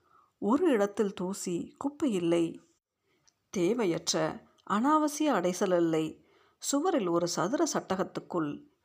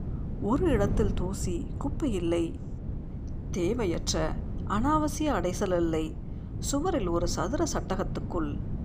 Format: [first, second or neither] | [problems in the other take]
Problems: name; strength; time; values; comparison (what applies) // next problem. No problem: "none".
first | wind noise on the microphone; occasional gusts; 15 dB below the speech